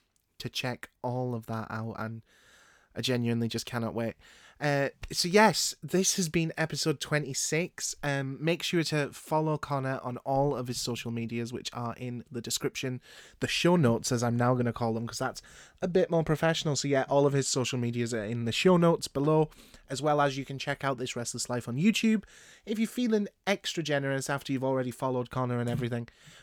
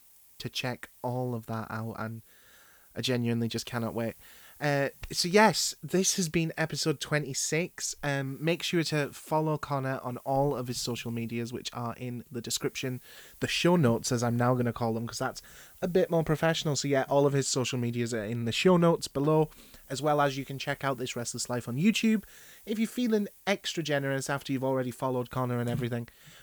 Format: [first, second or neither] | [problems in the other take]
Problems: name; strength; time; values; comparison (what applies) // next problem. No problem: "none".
first | hiss; faint; throughout; 25 dB below the speech